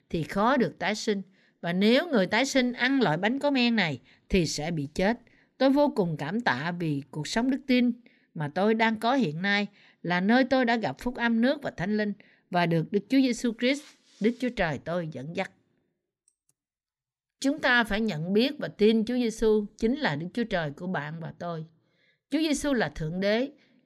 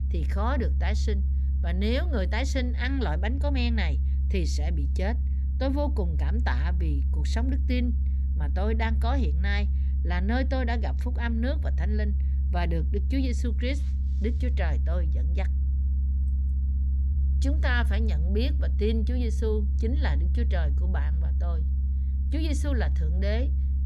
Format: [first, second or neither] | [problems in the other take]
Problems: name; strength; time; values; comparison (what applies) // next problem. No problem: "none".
first | low rumble; noticeable; throughout; 10 dB below the speech